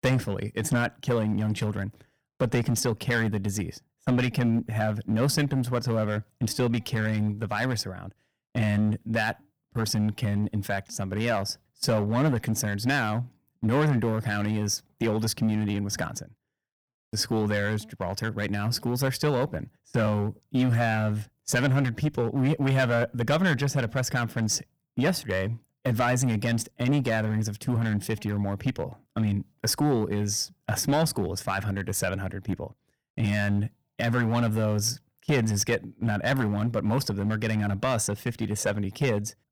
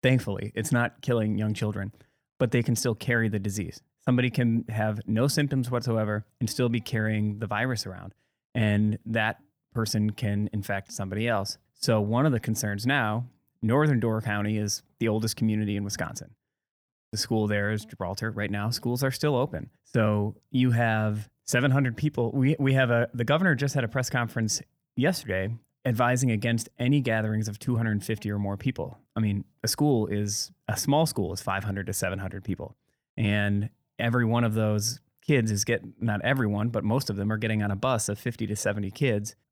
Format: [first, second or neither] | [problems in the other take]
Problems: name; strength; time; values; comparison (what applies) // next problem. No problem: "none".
second | distortion; slight; 6% of the sound clipped